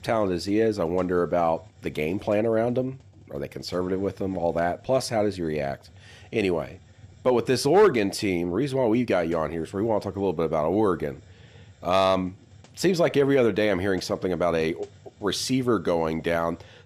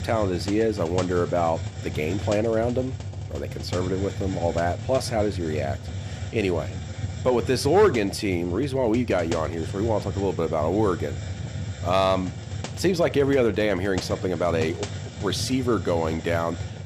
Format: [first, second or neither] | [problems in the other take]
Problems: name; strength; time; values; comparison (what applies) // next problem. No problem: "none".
first | hiss; loud; throughout; 8 dB below the speech; faint in the first